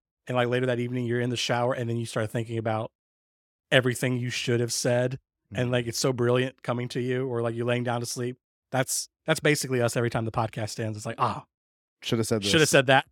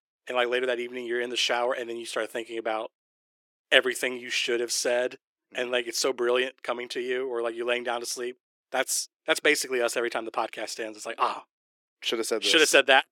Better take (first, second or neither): first